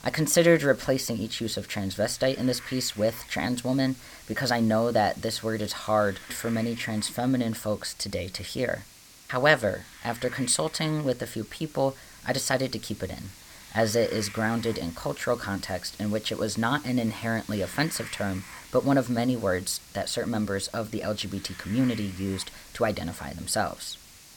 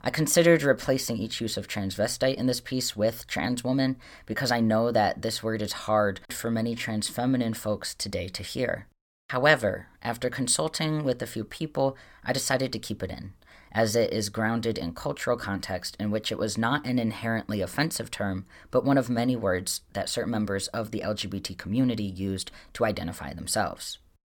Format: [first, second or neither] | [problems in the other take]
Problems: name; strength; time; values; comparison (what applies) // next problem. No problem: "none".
second | hiss; noticeable; throughout; 20 dB below the speech